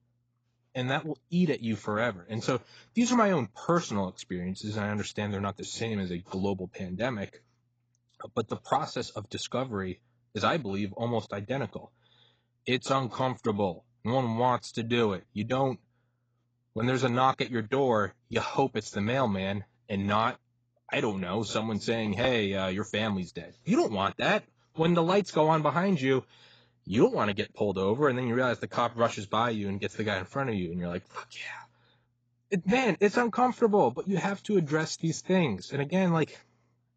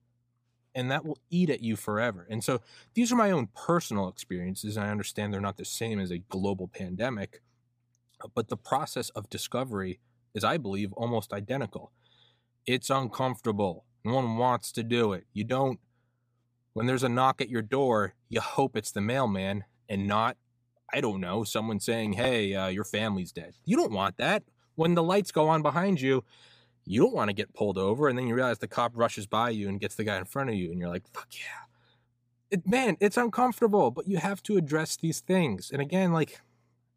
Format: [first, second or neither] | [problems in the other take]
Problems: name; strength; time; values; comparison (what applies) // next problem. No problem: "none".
second | garbled, watery; badly; nothing above 7.5 kHz